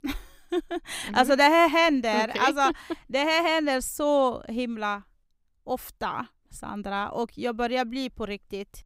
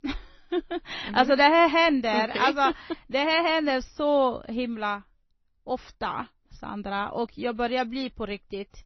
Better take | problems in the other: first | garbled, watery; slightly; nothing above 6 kHz

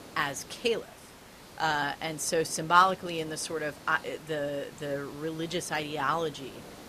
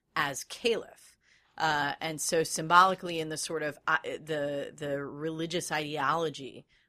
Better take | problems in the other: second | hiss; noticeable; throughout; 20 dB below the speech

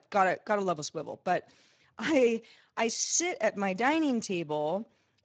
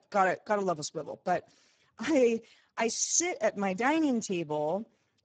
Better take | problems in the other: first | garbled, watery; badly; slightly in the first

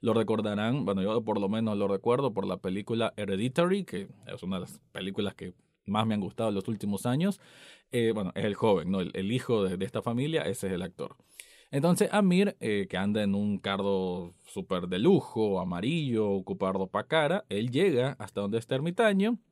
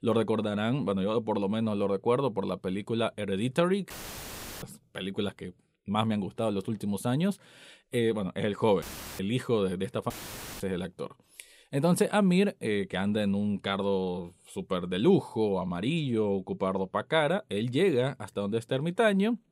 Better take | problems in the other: first | audio cutting out; filled with static; at 4 s for 0.5 s, at 9 s and at 10 s for 0.5 s

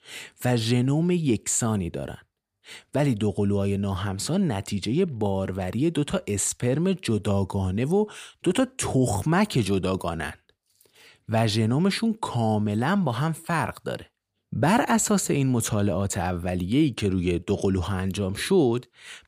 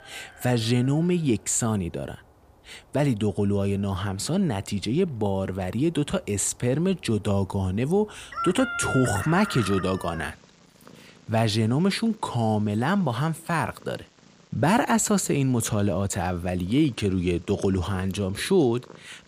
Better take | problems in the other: first | animal sounds; noticeable; throughout; 10 dB below the speech

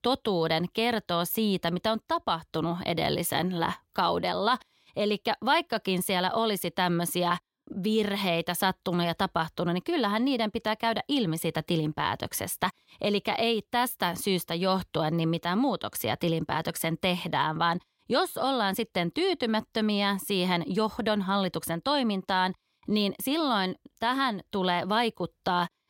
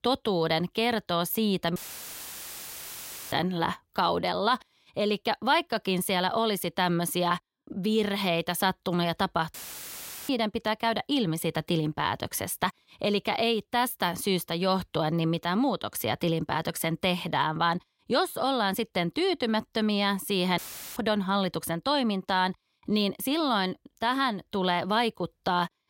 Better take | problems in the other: first | audio cutting out; filled with static; at 2 s for 1.5 s, at 9.5 s for 1 s and at 21 s

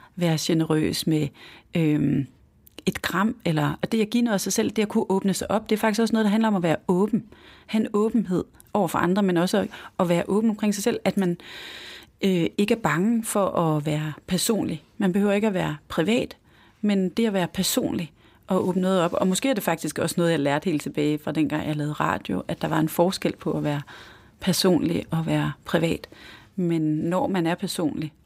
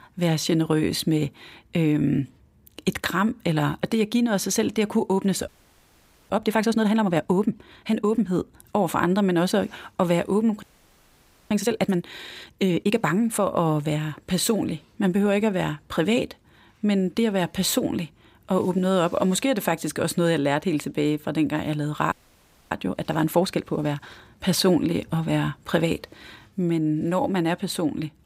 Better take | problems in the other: first | audio freezing; at 5.5 s for 1 s, at 11 s for 1 s and at 22 s for 0.5 s

